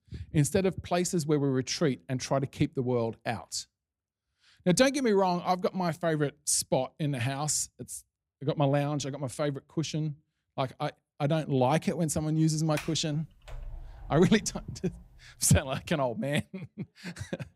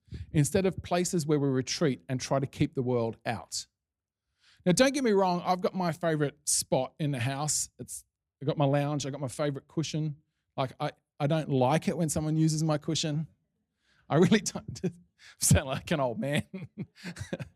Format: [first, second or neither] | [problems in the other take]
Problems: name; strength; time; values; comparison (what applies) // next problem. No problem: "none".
second | door banging; faint; from 13 to 15 s; peak 10 dB below the speech